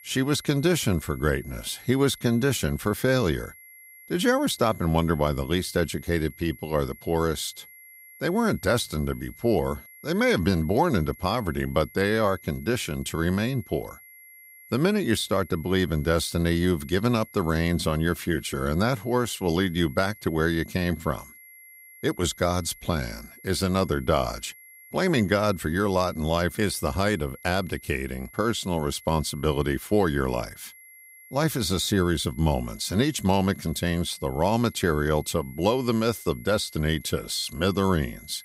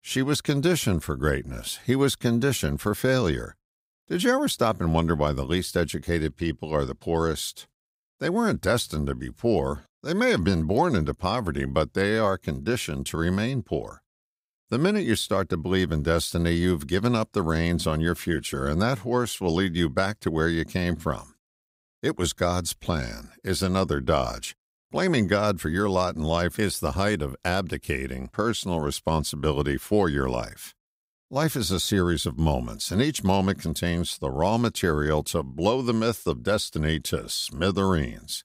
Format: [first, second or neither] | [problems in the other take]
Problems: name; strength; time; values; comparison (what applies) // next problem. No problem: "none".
second | high-pitched whine; faint; throughout; 2 kHz, 20 dB below the speech